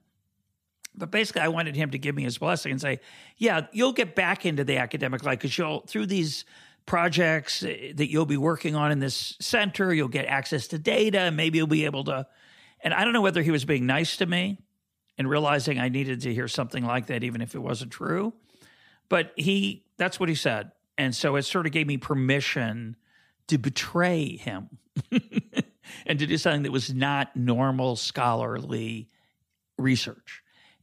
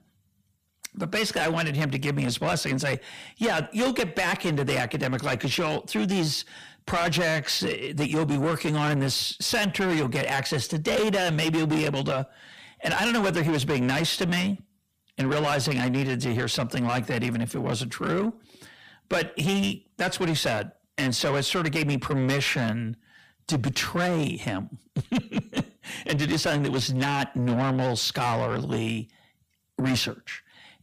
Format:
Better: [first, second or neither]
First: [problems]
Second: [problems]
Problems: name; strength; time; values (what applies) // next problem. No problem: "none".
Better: first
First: none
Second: distortion; heavy; 6 dB below the speech